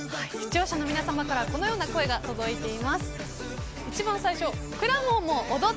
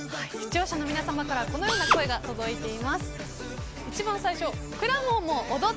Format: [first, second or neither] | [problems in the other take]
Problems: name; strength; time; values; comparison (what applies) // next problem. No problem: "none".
first | background sound (Drill); 2 dB above the speech